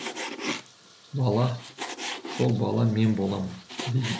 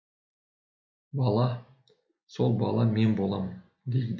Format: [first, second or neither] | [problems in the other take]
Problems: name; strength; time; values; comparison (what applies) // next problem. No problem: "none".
second | background sound (Frying (food)); 10 dB below the speech